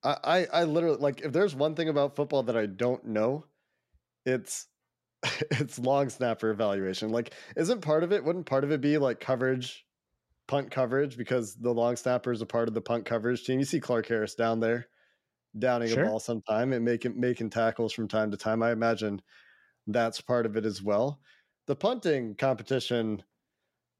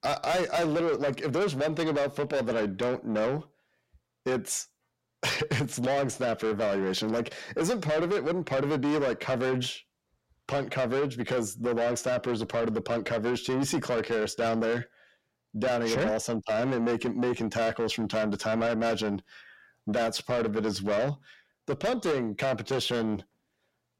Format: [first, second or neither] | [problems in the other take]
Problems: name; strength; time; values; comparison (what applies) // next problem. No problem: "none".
first | distortion; heavy; 7 dB below the speech